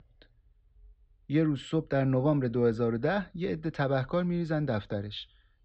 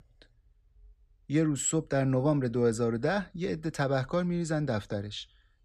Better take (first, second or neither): second